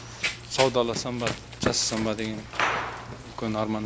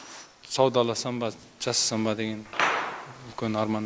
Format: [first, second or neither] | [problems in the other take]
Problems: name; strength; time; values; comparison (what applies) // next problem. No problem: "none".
second | background sound (Run); 6 dB below the speech